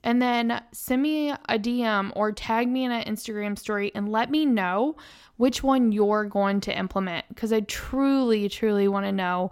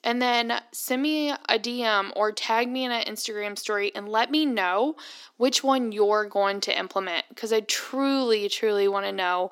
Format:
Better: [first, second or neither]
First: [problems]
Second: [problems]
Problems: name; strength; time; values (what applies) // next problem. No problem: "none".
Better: first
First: none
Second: thin; very slightly; fading below 300 Hz